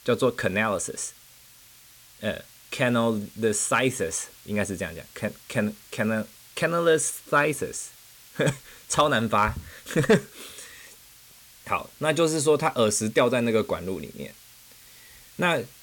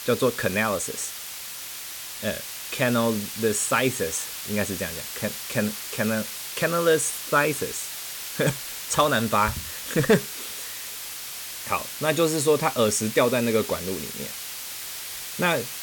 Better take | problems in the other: first | hiss; loud; throughout; 7 dB below the speech; faint in the first

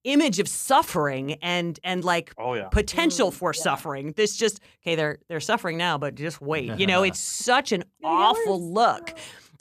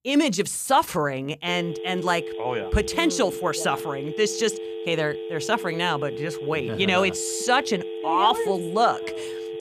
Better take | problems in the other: first | phone ringing; noticeable; from 1.5 s on; peak 8 dB below the speech

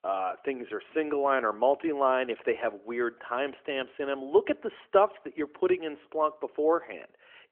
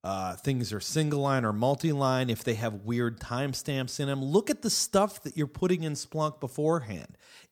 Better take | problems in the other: second | phone-call audio; nothing above 3 kHz

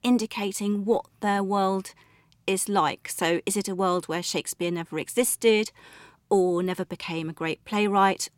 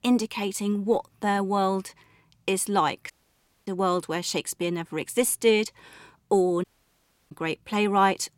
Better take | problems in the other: first | audio cutting out; at 3 s for 0.5 s and at 6.5 s for 0.5 s

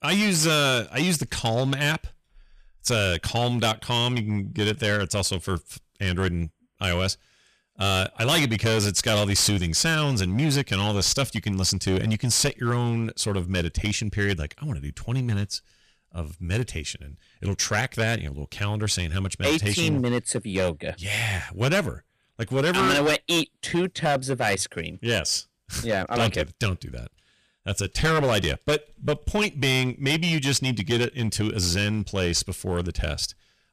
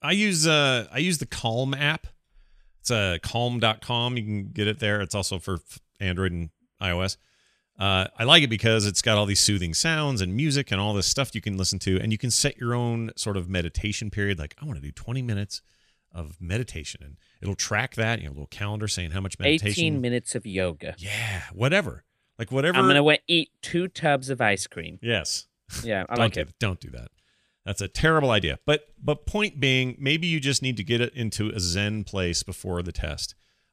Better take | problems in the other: second | distortion; heavy; 9% of the sound clipped

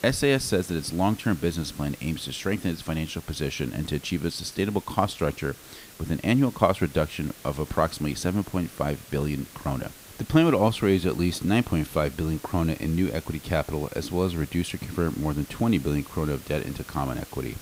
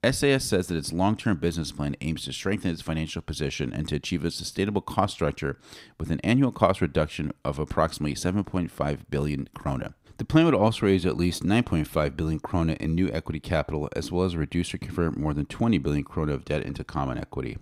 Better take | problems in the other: second | hiss; noticeable; throughout; 20 dB below the speech

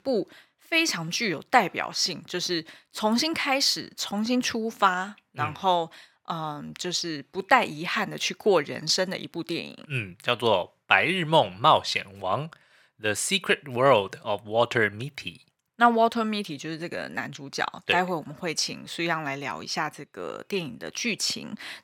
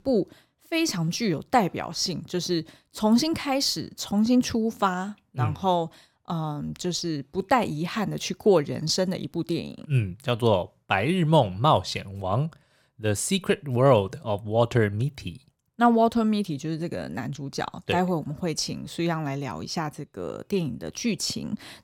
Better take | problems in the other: second | thin; somewhat; fading below 350 Hz

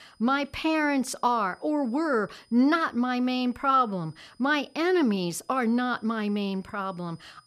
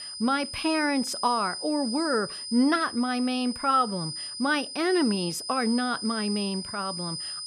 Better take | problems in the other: first | high-pitched whine; loud; throughout; 5 kHz, 7 dB below the speech; faint in the first

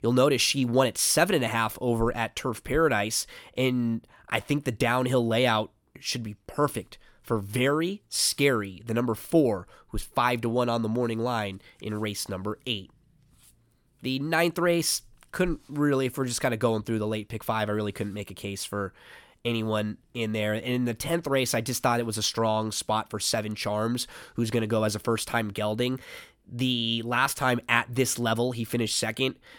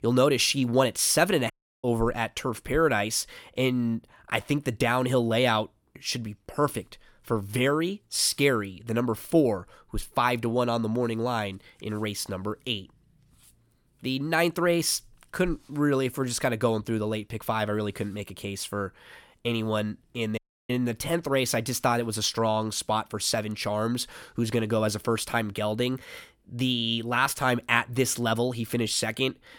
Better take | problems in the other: first | audio cutting out; at 1.5 s and at 20 s

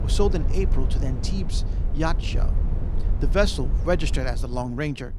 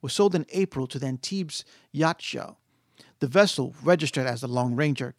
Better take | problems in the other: second | wind noise on the microphone; occasional gusts; 15 dB below the speech

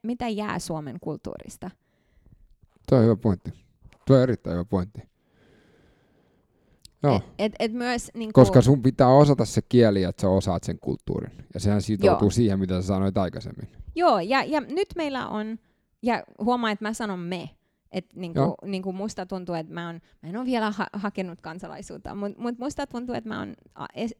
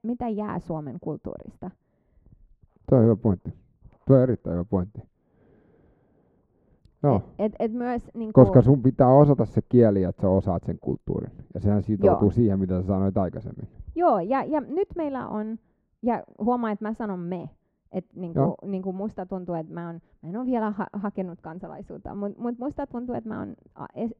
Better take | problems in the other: first | muffled; very; fading above 2.5 kHz

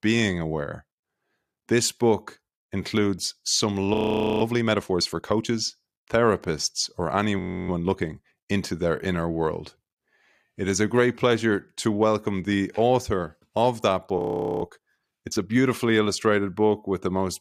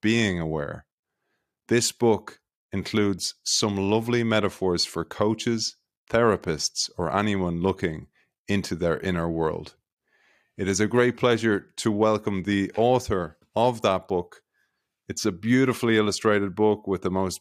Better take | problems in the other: second | audio freezing; at 4 s, at 7.5 s and at 14 s

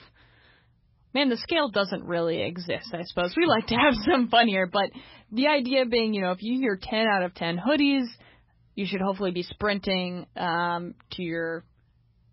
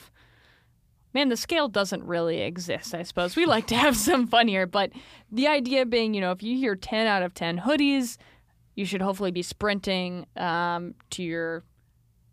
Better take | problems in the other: second | garbled, watery; badly; nothing above 5.5 kHz

